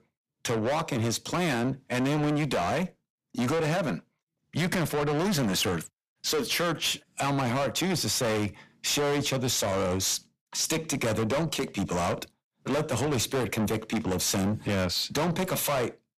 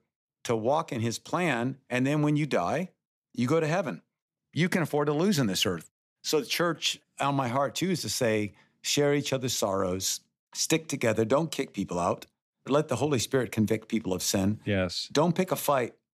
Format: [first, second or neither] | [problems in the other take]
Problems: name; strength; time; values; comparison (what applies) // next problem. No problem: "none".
second | distortion; heavy; 6 dB below the speech